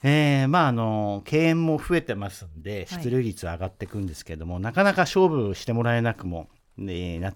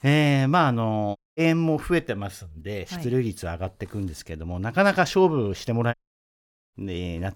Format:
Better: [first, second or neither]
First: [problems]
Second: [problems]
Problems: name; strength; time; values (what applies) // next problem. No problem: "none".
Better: first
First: none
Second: audio cutting out; at 1 s and at 6 s for 1 s